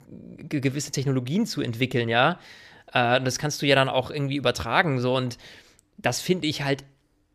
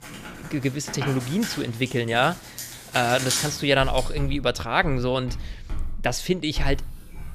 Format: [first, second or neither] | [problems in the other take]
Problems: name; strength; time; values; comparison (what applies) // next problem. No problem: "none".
first | household noises; loud; throughout; 9 dB below the speech